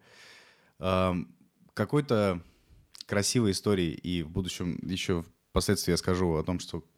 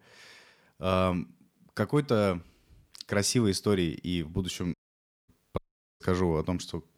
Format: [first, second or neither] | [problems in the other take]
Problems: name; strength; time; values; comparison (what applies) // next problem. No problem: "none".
first | audio cutting out; at 4.5 s for 0.5 s and at 5.5 s